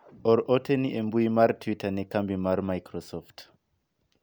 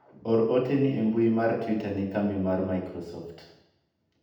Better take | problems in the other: first | room echo; dies away in 0.8 s

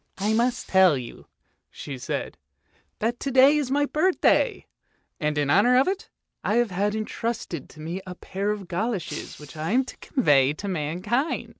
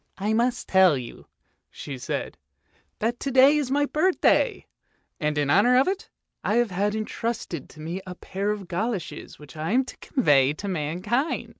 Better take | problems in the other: second | background sound (Shatter); 17 dB below the speech

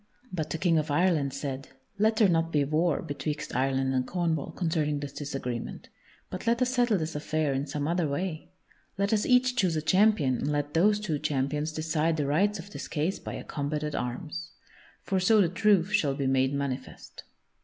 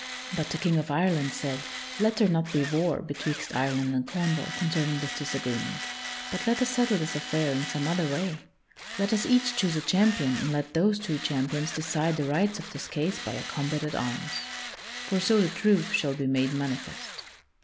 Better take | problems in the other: first | background sound (Tools); 10 dB below the speech

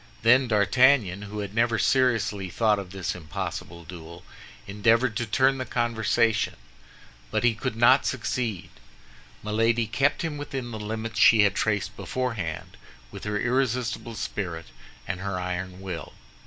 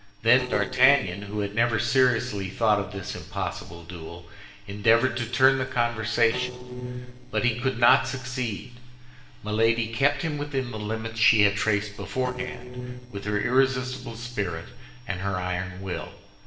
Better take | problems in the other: first | noise reduction (neural separator model SepFormer DNS4)

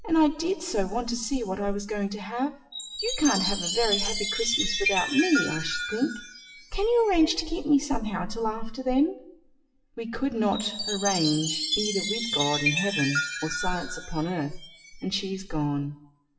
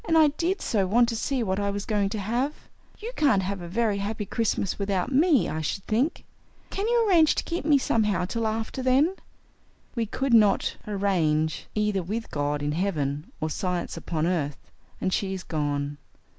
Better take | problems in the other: second | noise reduction (classical method WPE with log-MMSE)

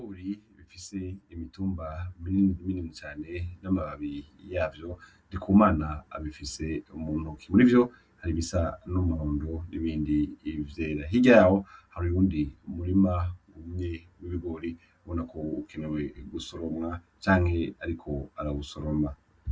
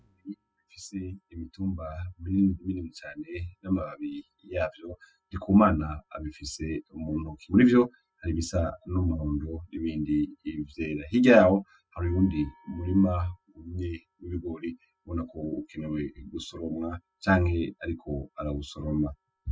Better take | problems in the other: first | noise reduction (classical method spectral subtraction)

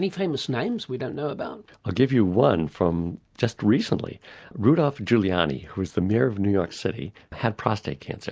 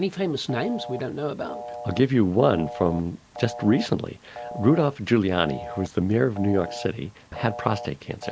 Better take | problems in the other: first | background sound (Telephone); 14 dB below the speech

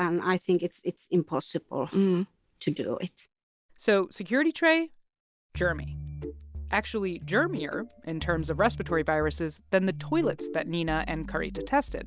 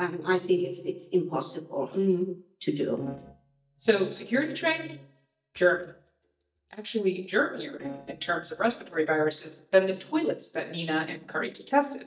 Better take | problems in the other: first | noise reduction (neural mask model DeepFilterNet 3)

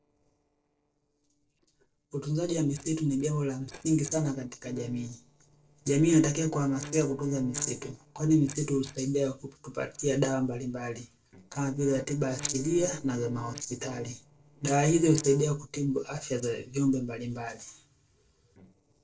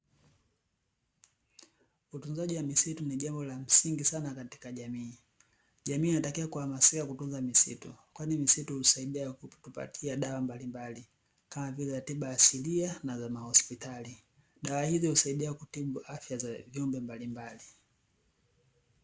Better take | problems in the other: second | noise reduction (neural separator model SepFormer DNS4)

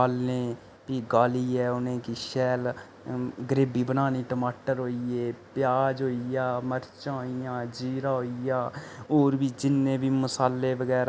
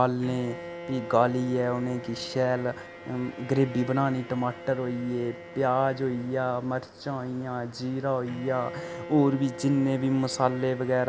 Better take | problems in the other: first | background sound (Bowed string instrument); 14 dB below the speech

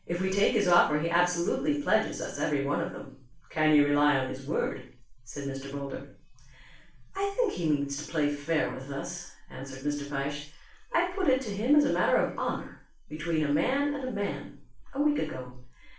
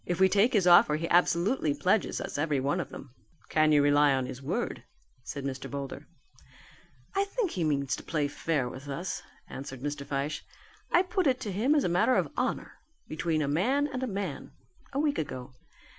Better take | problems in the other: second | room echo; dies away in 0.4 s

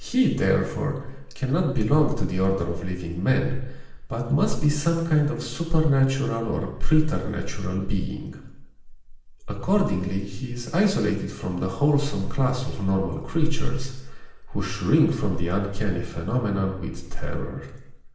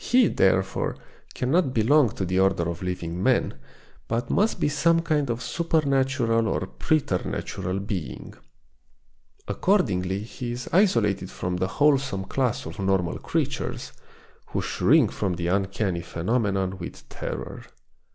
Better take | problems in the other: second | room echo; dies away in 0.8 s

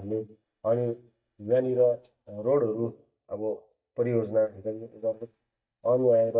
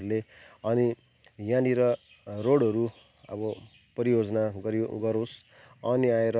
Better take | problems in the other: second | noise reduction (neural mask model DeepFilterNet 3)

